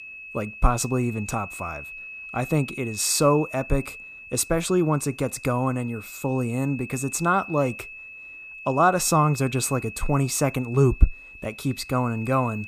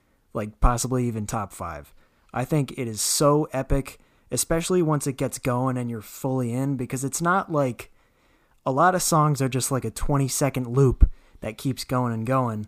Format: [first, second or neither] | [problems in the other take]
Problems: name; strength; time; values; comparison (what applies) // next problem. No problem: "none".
second | high-pitched whine; noticeable; throughout; 2.5 kHz, 15 dB below the speech